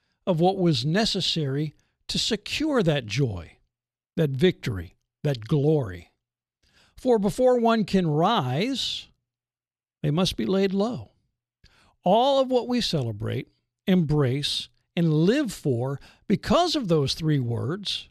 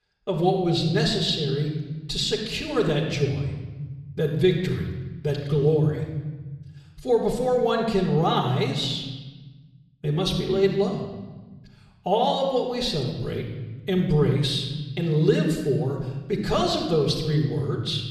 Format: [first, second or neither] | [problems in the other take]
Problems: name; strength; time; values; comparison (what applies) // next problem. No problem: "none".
first | room echo; noticeable; dies away in 1.2 s // off-mic speech; far